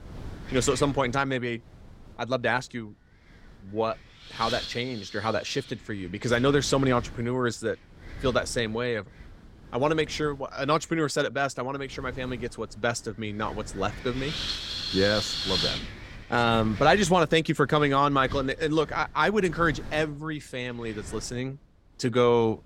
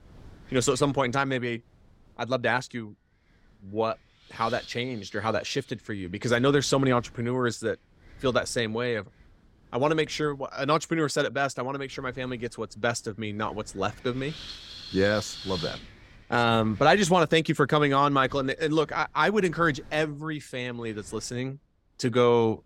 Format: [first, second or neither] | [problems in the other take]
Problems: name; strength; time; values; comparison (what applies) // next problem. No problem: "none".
second | wind noise on the microphone; heavy; 8 dB below the speech; occasional gusts in the second